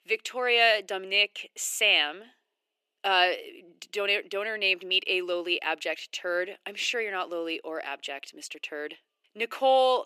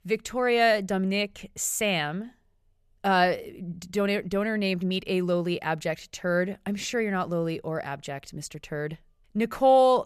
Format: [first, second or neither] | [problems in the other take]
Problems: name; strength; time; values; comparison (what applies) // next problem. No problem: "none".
second | thin; very; fading below 300 Hz